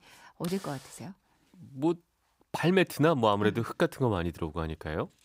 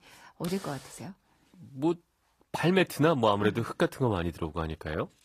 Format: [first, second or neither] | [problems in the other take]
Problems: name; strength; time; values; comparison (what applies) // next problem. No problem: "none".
first | garbled, watery; slightly; nothing above 15 kHz